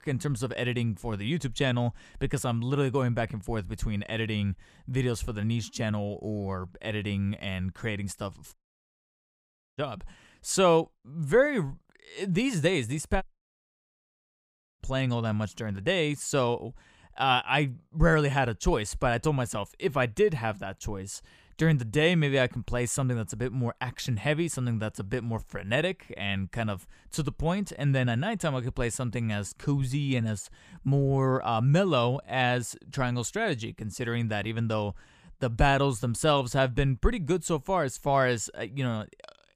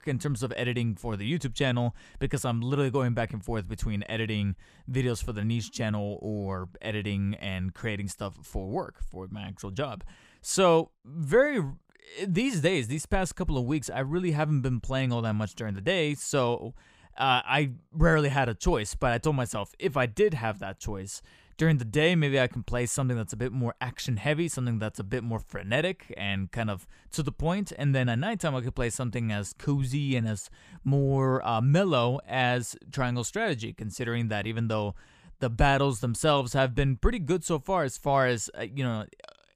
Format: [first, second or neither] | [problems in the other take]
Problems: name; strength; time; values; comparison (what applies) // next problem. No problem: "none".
second | audio cutting out; at 8.5 s for 1 s and at 13 s for 1.5 s